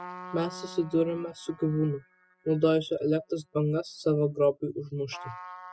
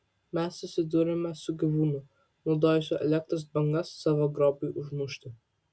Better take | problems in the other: second | noise reduction (classical method spectral subtraction)

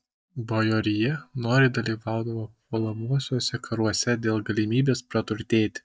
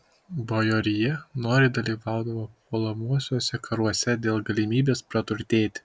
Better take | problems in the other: second | noise reduction (neural mask model DeepFilterNet 3)

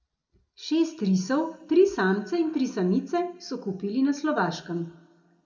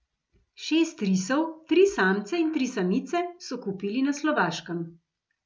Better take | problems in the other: second | room echo; dies away in 1.2 s

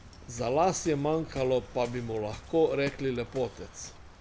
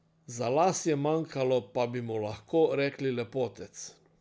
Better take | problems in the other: second | background sound (Waves, surf); 16 dB below the speech

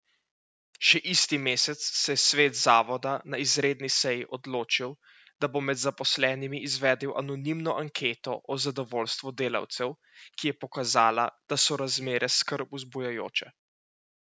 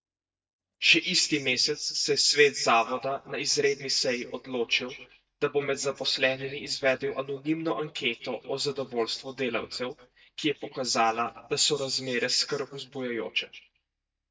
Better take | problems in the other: first | noise reduction (neural mask model DeepFilterNet 3)

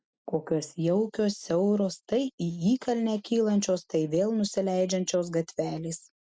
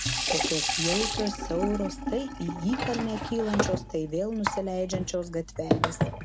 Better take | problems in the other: first | background sound (Sink (filling or washing) / Water tap, faucet); as loud as the speech

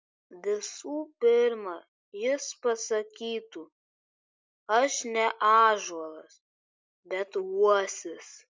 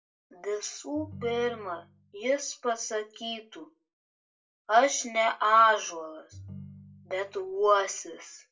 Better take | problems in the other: first | background sound (Ringtone); 18 dB below the speech // room echo; dies away in 0.2 s

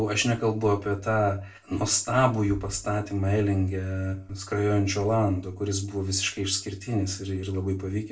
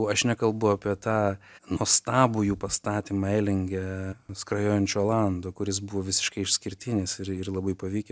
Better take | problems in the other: second | room echo; dies away in 0.3 s

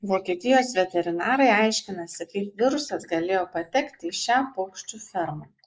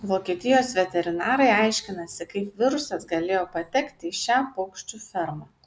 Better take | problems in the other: second | noise reduction (neural mask model Resemble Enhance denoiser)

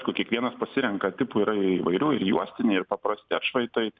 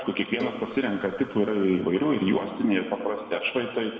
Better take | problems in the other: first | background sound (Bowed string instrument); 15 dB below the speech // room echo; dies away in 1.9 s

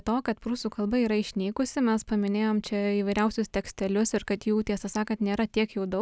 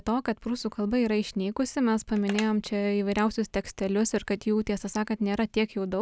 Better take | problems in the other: first | background sound (Telephone); 17 dB below the speech

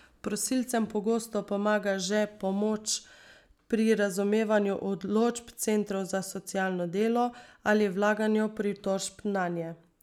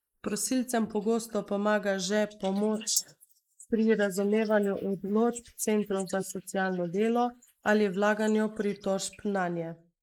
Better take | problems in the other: first | noise reduction (neural mask model Resemble Enhance denoiser)

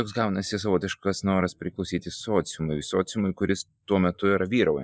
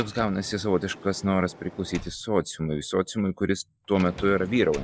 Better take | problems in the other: first | background sound (Sliding door); 17 dB below the speech

